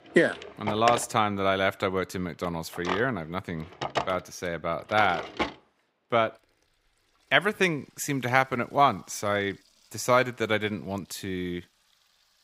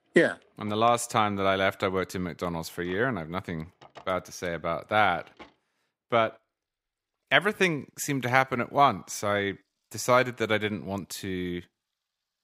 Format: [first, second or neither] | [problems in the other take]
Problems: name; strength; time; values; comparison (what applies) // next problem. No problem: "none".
second | household noises; loud; throughout; 7 dB below the speech; faint in the second